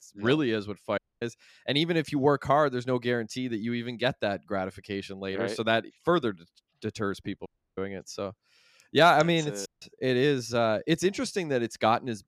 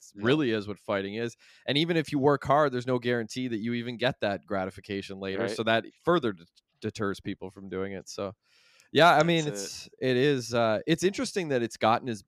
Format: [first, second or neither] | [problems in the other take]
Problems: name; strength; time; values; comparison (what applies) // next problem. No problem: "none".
second | audio cutting out; at 1 s, at 7.5 s and at 9.5 s